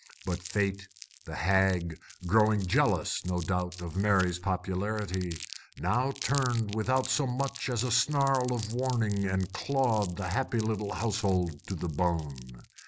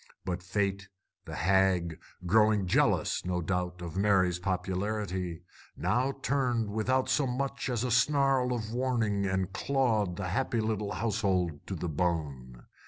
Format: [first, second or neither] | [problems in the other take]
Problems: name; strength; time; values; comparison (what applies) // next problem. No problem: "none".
second | background sound (Crumpling, crinkling); 17 dB below the speech